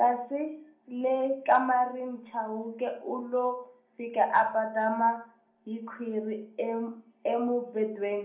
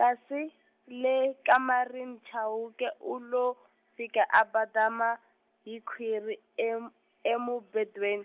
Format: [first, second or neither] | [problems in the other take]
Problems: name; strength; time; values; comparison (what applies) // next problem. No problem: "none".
second | room echo; dies away in 0.6 s